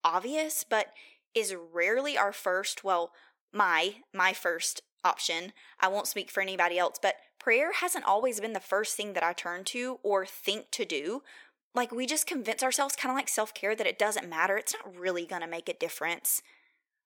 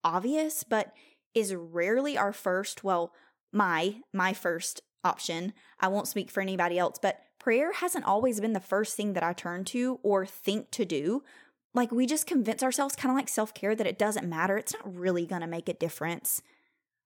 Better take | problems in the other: second | thin; somewhat; fading below 450 Hz

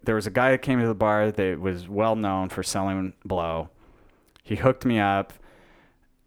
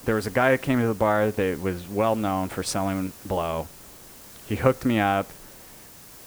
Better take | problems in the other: first | hiss; noticeable; throughout; 20 dB below the speech

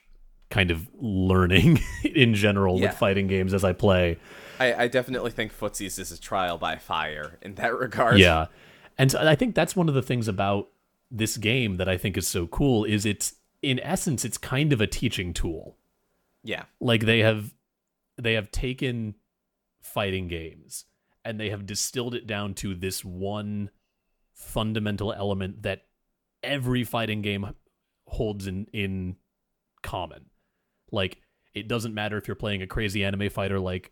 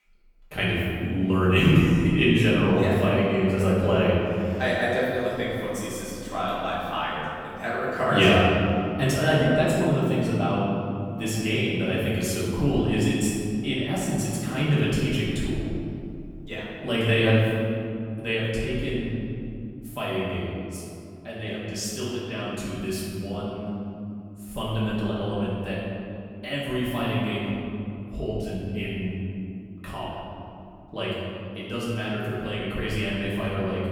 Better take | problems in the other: first | room echo; strong; dies away in 2.8 s // off-mic speech; far

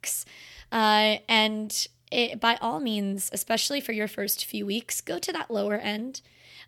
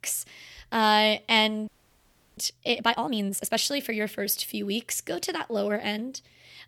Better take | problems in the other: first | audio freezing; at 1.5 s for 0.5 s

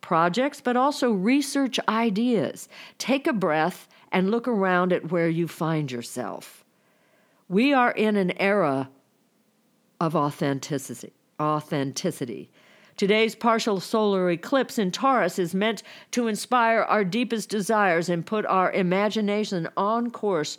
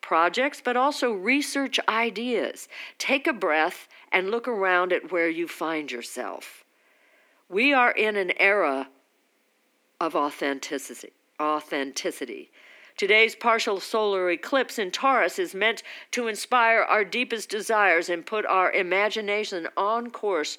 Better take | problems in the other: first | thin; somewhat; fading below 300 Hz

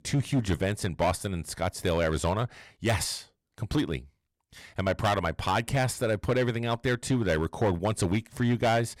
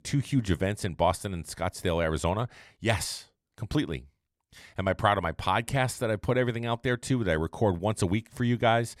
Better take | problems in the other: second | distortion; slight; 6% of the sound clipped

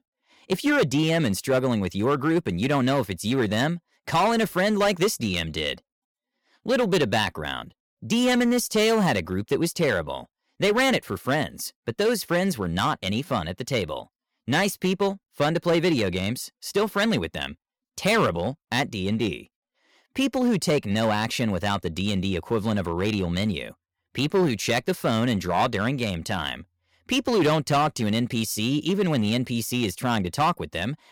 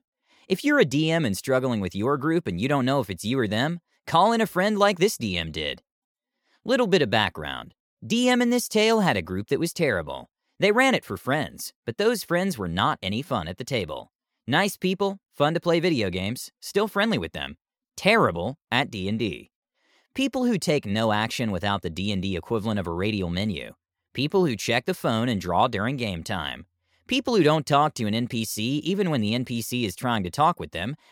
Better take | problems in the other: second | distortion; slight; 6% of the sound clipped

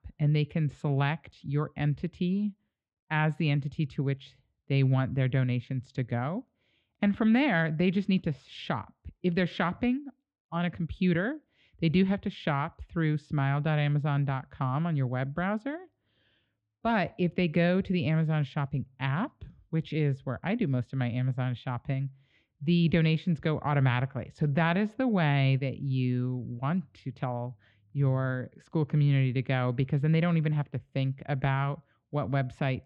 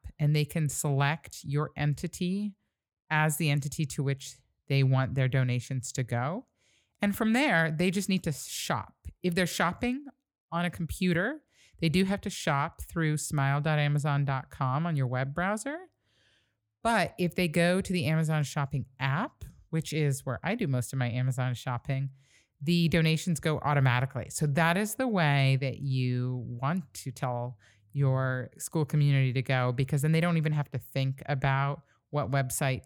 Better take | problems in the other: second | muffled; slightly; fading above 3.5 kHz

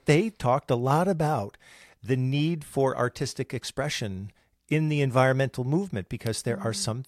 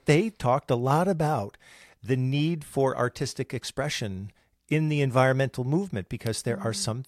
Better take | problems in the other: neither | none

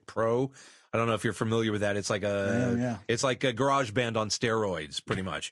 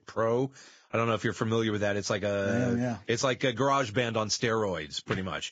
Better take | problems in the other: first | garbled, watery; badly; nothing above 7.5 kHz; slightly in the first

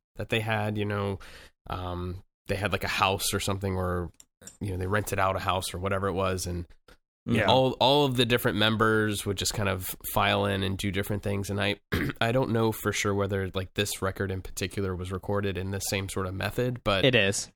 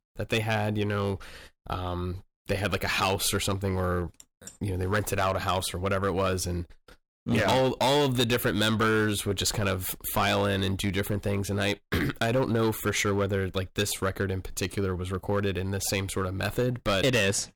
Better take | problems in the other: first | distortion; slight; 5% of the sound clipped

